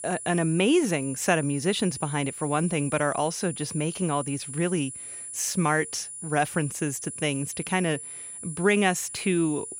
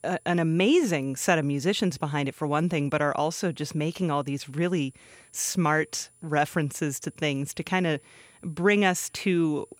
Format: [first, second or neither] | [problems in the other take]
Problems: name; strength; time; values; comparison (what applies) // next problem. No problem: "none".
second | high-pitched whine; loud; throughout; 9.5 kHz, 9 dB below the speech; faint in the second